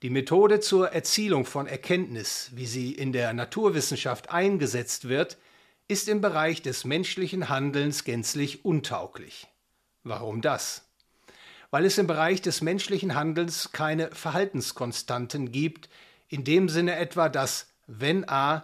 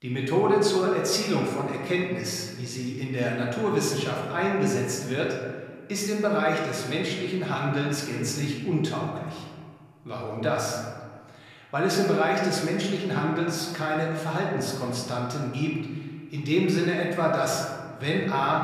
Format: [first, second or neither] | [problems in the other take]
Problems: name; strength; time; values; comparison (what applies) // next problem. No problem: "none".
first | room echo; noticeable; dies away in 1.7 s // off-mic speech; somewhat distant